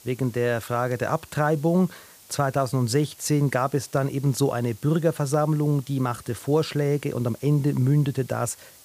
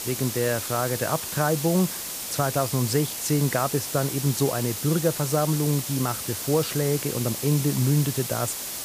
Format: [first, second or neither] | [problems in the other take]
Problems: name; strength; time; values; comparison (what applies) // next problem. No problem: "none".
first | hiss; loud; throughout; 4 dB below the speech; faint in the first